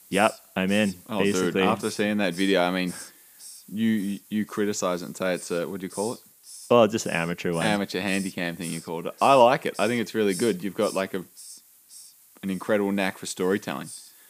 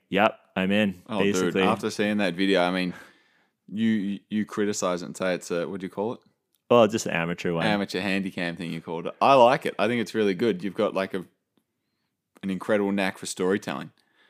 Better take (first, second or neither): second